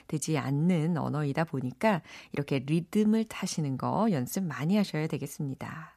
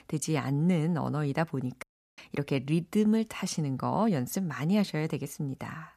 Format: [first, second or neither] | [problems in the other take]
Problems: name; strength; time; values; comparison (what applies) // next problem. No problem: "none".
first | audio cutting out; at 2 s